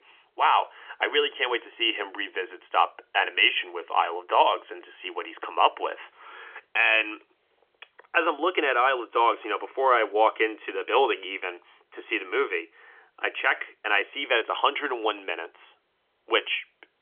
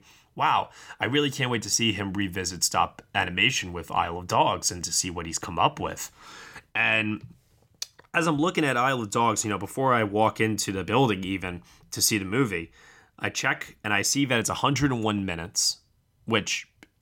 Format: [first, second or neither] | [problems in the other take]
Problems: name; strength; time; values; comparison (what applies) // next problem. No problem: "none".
second | phone-call audio; nothing above 3.5 kHz